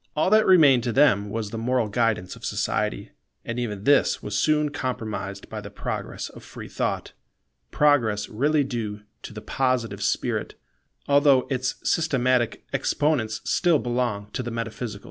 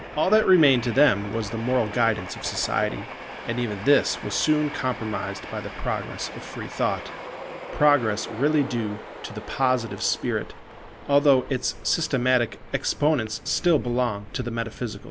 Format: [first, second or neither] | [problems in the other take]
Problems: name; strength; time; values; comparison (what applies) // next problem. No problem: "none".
first | background sound (Train); 13 dB below the speech